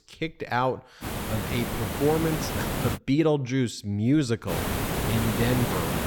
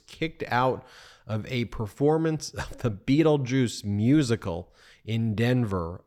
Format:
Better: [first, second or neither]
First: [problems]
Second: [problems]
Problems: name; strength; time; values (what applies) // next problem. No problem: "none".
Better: second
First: hiss; loud; from 1 to 3 s and from 4.5 s on; 2 dB below the speech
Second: none